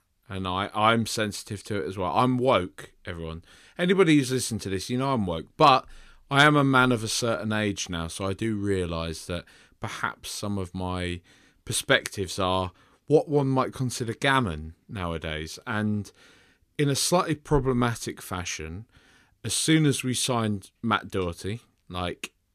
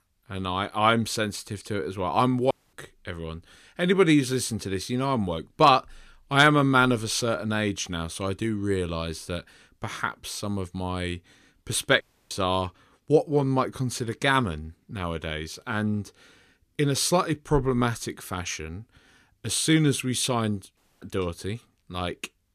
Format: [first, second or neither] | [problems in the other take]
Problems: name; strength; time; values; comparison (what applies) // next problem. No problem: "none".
first | audio cutting out; at 2.5 s, at 12 s and at 21 s